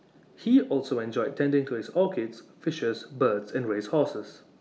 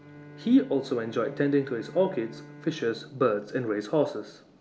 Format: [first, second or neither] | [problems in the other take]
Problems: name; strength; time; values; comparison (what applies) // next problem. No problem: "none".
first | background sound (Bowed string instrument); 19 dB below the speech